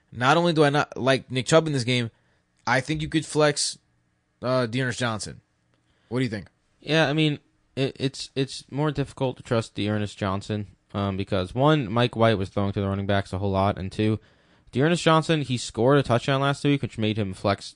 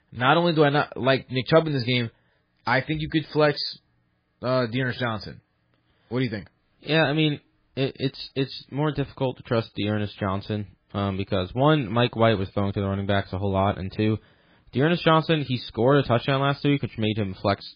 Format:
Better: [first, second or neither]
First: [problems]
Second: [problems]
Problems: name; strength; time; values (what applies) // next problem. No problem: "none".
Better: first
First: garbled, watery; slightly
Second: garbled, watery; badly; nothing above 4.5 kHz